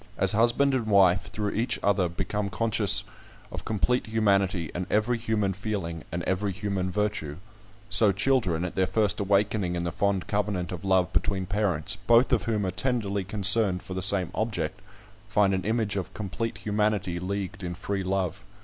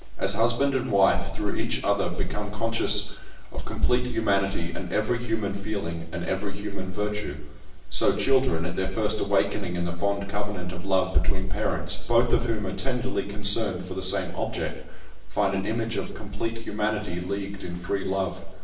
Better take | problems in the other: first | room echo; dies away in 0.8 s

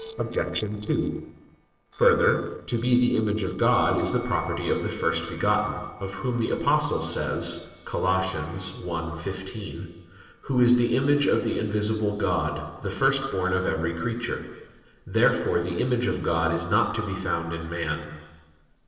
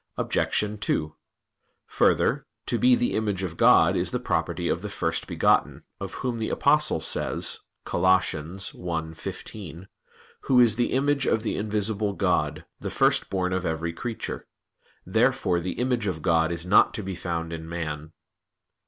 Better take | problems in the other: second | noise reduction (neural separator model SepFormer DNS4)

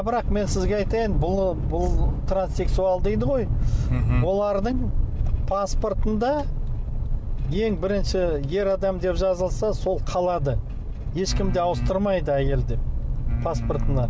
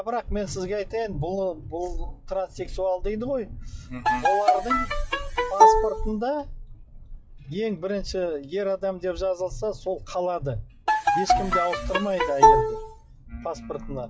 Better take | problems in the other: first | noise reduction (classical method log-MMSE)

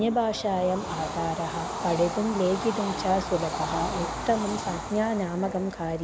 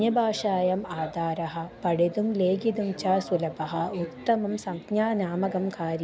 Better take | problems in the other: second | background sound (Train / Bird vocalization, bird call, bird song); 7 dB below the speech

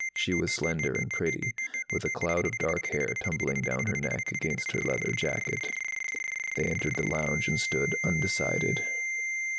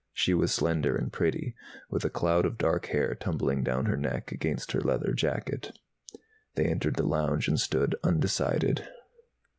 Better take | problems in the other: second | background sound (Ringtone); 1 dB below the speech

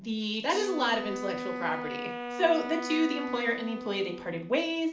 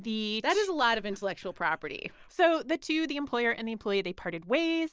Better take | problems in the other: second | background sound (Wind instrument, woodwind instrument); 8 dB below the speech // room echo; dies away in 0.4 s

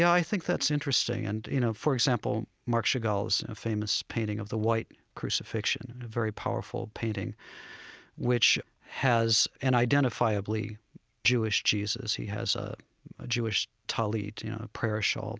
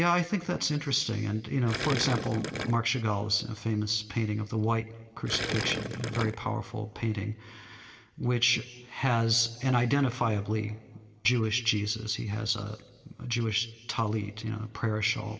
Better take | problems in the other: first | background sound (Gurgling); 4 dB below the speech // room echo; dies away in 1.3 s

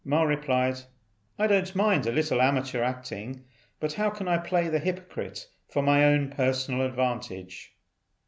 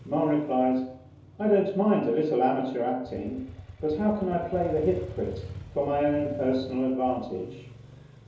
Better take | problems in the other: first | background sound (Motorcycle); 16 dB below the speech // room echo; dies away in 2.8 s

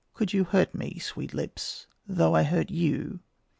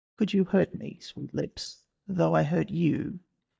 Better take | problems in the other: first | noise reduction (neural mask model DeepFilterNet 3)

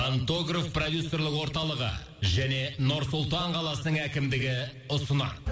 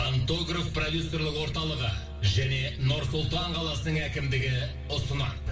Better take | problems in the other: first | background sound (Musical instrument); 9 dB below the speech // room echo; dies away in 0.1 s

